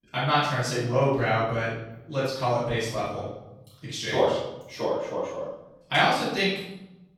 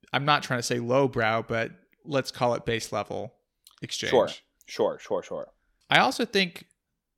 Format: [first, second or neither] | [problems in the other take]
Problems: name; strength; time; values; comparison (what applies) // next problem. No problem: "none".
second | off-mic speech; far // room echo; noticeable; dies away in 0.8 s